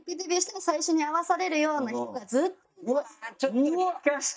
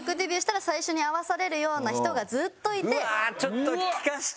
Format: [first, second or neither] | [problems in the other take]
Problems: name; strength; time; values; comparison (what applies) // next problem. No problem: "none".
second | noise reduction (neural mask model DeepFilterNet 3)